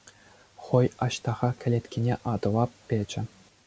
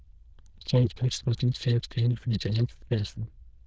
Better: first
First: none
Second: noise reduction (neural diffusion model UNIVERSE++)

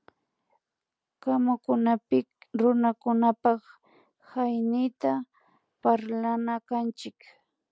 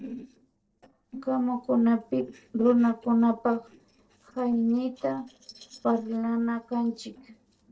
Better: first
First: none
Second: noise reduction (neural separator model SepFormer DNS4)

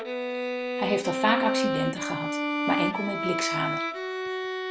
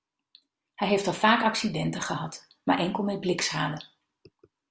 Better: second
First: background sound (Bowed string instrument); 2 dB above the speech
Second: none

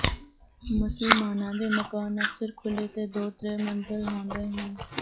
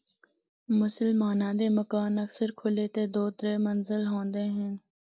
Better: second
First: noise reduction (classical method log-MMSE)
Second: none

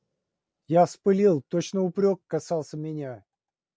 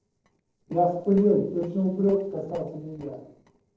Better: first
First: none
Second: noise reduction (neural separator model SepFormer DNS4)

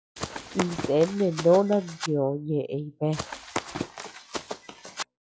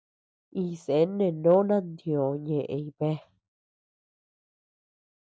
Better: second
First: noise reduction (classical method log-MMSE)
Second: none

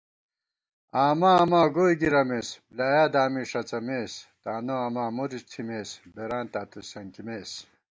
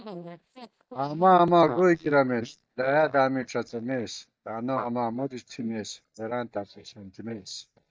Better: first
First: none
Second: noise reduction (neural mask model DeepFilterNet 3)

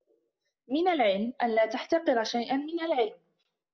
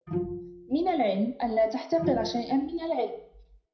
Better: first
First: none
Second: background sound (Bowed string instrument); 9 dB below the speech // room echo; dies away in 0.5 s

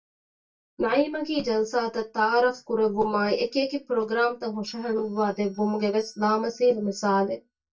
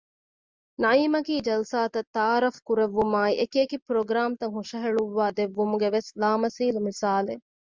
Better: second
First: noise reduction (neural mask model DeepFilterNet 3)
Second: none

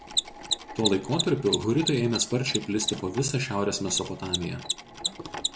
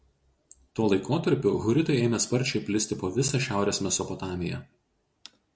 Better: second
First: background sound (Mechanisms); 5 dB below the speech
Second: none

